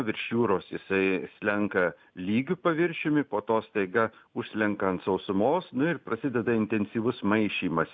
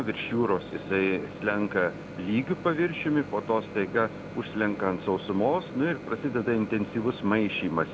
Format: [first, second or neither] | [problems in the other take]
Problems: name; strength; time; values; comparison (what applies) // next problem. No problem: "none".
first | background sound (Microwave oven); 12 dB below the speech